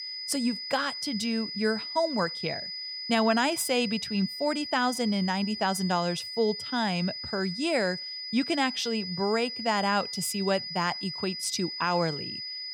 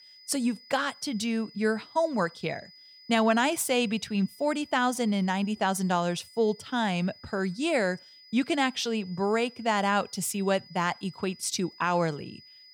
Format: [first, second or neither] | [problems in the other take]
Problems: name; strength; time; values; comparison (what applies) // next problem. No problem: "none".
second | high-pitched whine; loud; throughout; 5 kHz, 6 dB below the speech; faint in the second